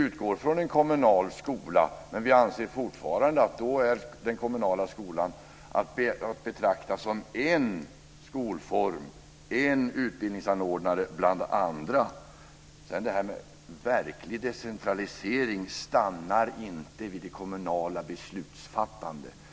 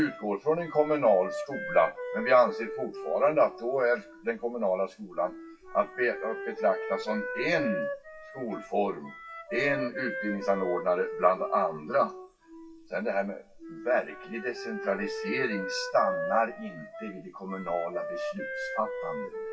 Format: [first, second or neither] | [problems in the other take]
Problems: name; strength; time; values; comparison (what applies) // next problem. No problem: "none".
first | noise reduction (classical method WPE with log-MMSE)